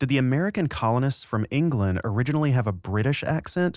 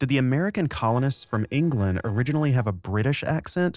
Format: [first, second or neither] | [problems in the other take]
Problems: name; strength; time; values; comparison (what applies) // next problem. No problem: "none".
first | noise reduction (neural separator model SepFormer DNS4)